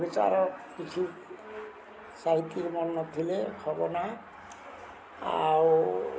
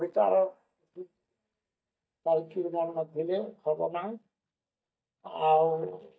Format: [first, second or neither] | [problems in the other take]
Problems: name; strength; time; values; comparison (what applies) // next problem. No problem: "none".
first | noise reduction (neural mask model DeepFilterNet 3)